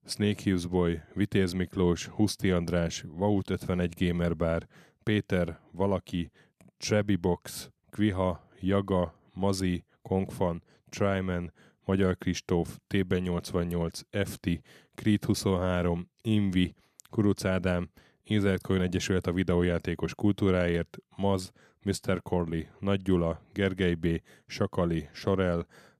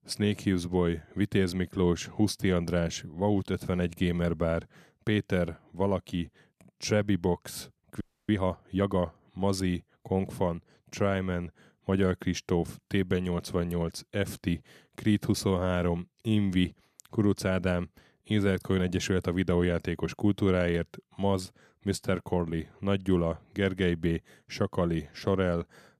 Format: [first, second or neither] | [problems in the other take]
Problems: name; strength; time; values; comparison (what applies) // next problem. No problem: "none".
first | audio freezing; at 8 s